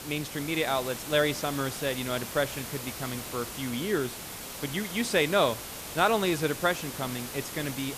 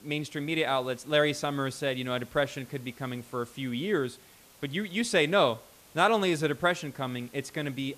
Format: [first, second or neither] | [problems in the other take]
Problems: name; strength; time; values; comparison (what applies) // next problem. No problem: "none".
second | hiss; loud; throughout; 8 dB below the speech; faint in the second